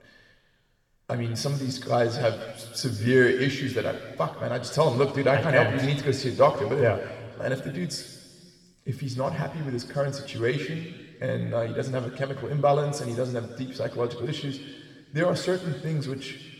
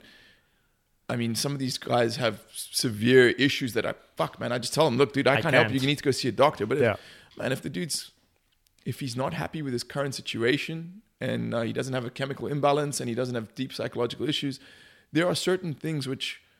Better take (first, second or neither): second